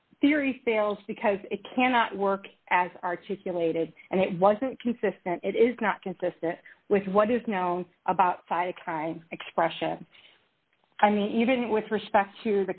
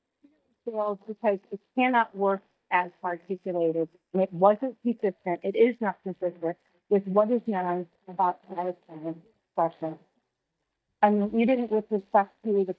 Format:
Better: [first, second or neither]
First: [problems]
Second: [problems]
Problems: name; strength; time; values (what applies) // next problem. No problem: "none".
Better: first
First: none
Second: noise reduction (neural mask model DeepFilterNet 3)